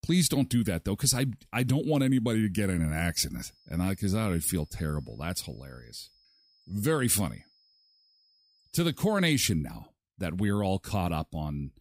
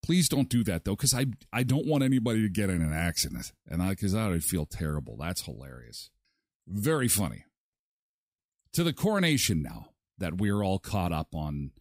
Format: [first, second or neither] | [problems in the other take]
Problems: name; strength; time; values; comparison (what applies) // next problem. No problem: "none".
second | high-pitched whine; faint; from 3.5 to 9.5 s; 5 kHz, 35 dB below the speech